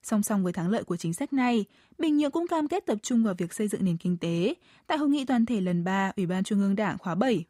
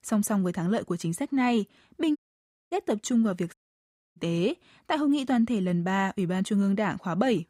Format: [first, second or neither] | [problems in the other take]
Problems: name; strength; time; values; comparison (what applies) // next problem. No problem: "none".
first | audio cutting out; at 2 s for 0.5 s and at 3.5 s for 0.5 s